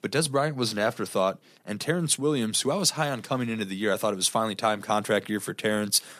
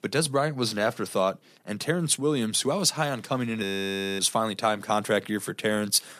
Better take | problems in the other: first | audio freezing; at 3.5 s for 0.5 s

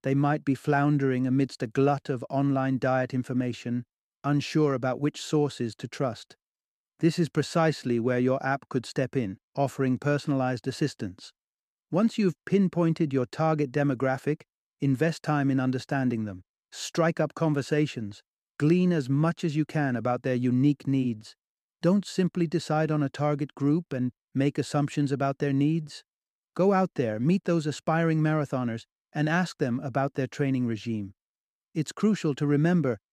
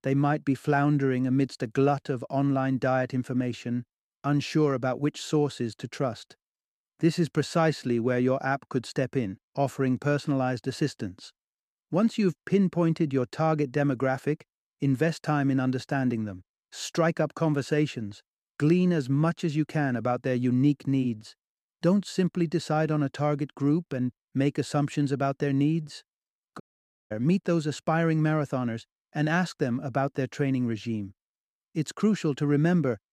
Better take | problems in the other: first | audio cutting out; at 27 s for 0.5 s

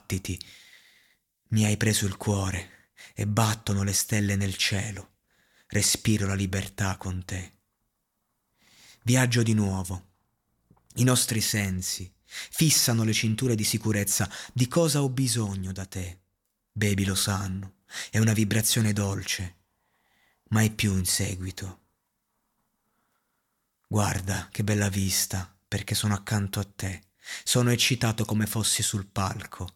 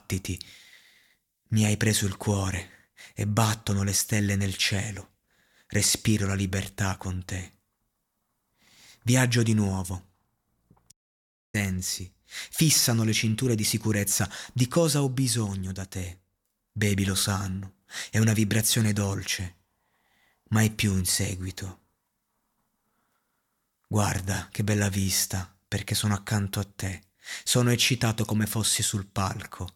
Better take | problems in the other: first | audio cutting out; at 11 s for 0.5 s

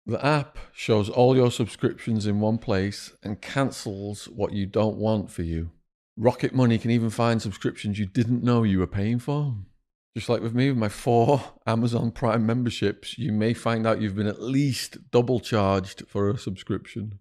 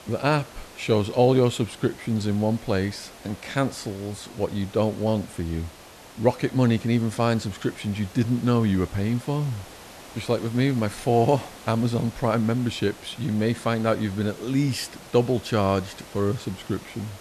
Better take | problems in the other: first | hiss; noticeable; throughout; 20 dB below the speech

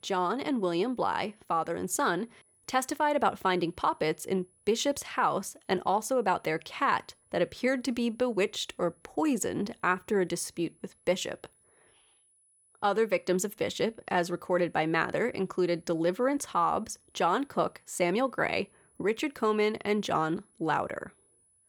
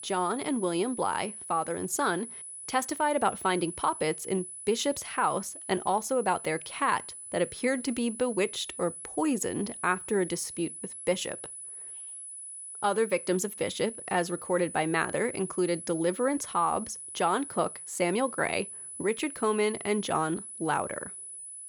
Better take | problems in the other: first | high-pitched whine; loud; throughout; 10 kHz, 10 dB below the speech; faint in the first

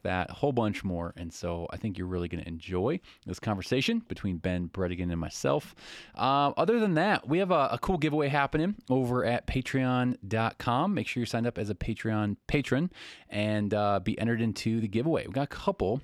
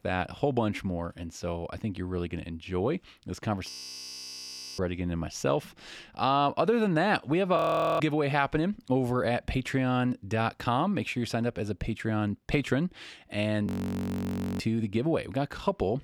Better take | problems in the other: first | audio freezing; at 3.5 s for 1 s, at 7.5 s and at 14 s for 1 s

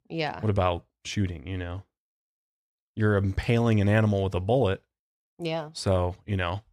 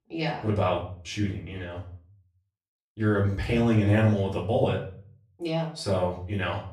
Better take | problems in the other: first | room echo; slight; dies away in 0.4 s // off-mic speech; far

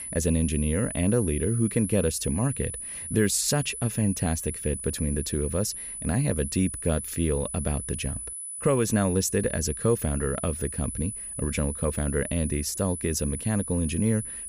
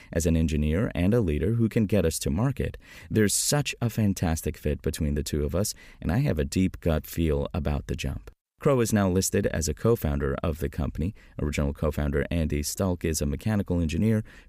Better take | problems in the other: second | high-pitched whine; loud; throughout; 10 kHz, 6 dB below the speech

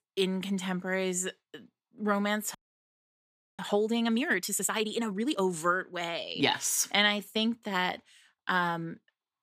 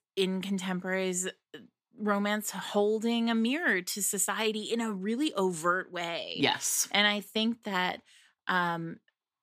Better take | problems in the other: second | audio freezing; at 2.5 s for 1 s

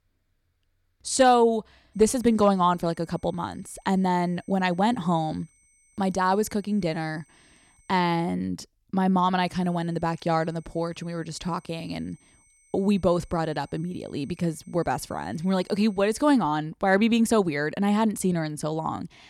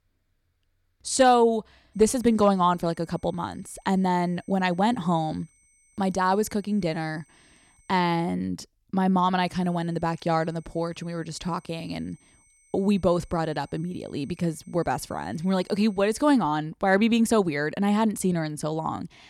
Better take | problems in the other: neither | high-pitched whine; faint; from 2 to 8 s and from 9.5 to 16 s; 8.5 kHz, 35 dB below the speech; the same in both

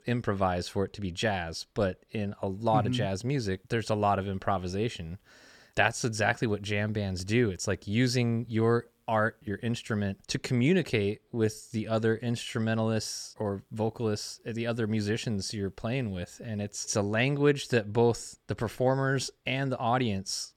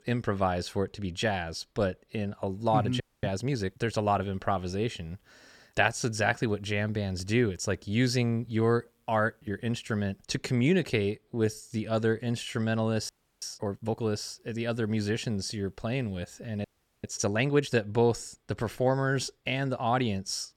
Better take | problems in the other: first | audio freezing; at 3 s, at 13 s and at 17 s

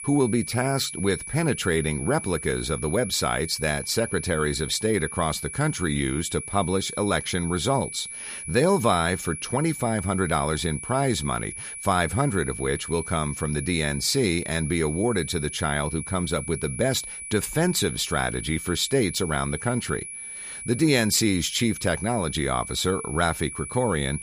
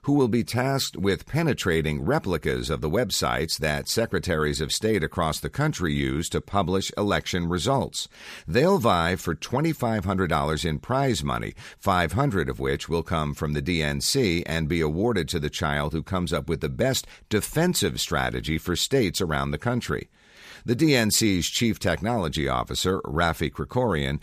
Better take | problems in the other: second | high-pitched whine; loud; throughout; 10.5 kHz, 9 dB below the speech

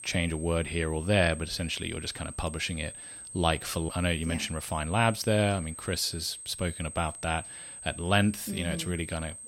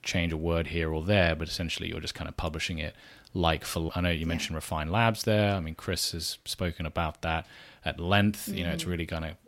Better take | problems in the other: second | high-pitched whine; noticeable; throughout; 8.5 kHz, 10 dB below the speech

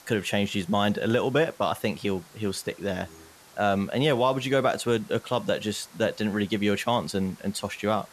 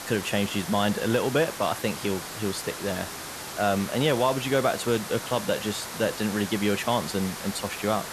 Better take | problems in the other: first | hiss; loud; throughout; 8 dB below the speech; faint in the first

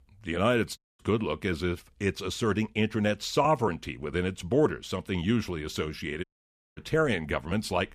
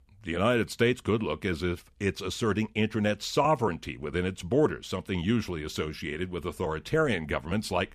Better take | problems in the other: second | audio cutting out; at 1 s and at 6 s for 0.5 s

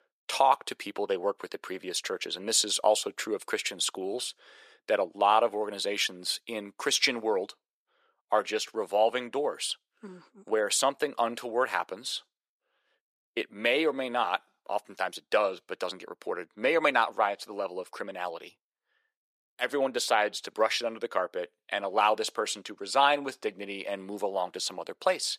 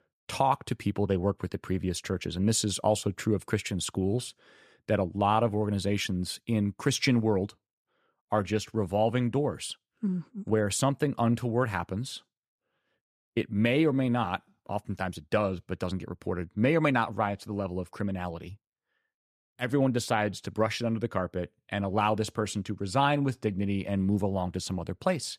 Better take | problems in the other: second | thin; very; fading below 450 Hz

